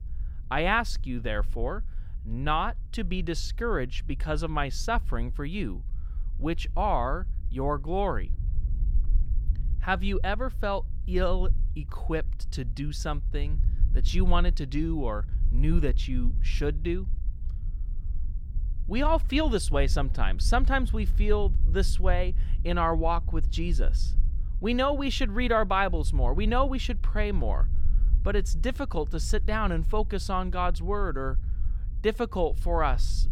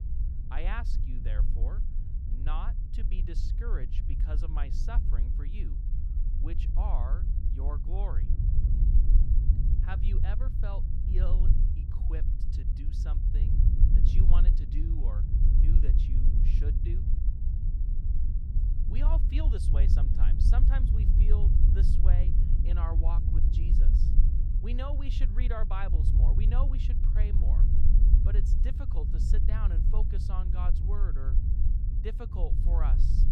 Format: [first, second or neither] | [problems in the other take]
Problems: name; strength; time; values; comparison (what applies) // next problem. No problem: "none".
first | low rumble; loud; throughout; 3 dB below the speech; faint in the first